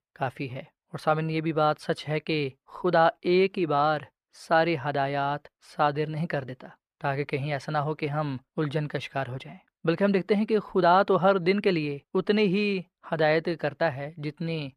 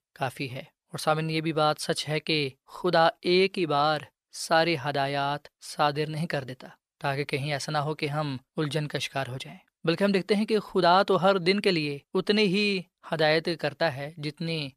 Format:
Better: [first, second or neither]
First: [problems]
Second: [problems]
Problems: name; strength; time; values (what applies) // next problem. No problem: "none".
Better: second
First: muffled; slightly; fading above 3.5 kHz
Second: none